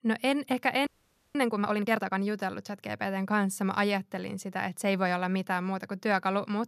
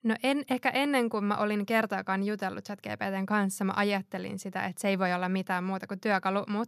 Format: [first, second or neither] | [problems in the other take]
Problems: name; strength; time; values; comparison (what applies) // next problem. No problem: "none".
second | audio freezing; at 1 s